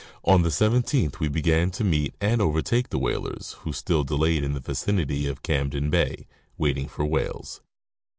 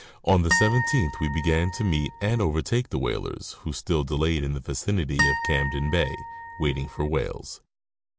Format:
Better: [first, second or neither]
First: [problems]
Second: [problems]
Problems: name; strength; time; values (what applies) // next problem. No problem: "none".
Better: first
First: none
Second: background sound (Harp); 4 dB below the speech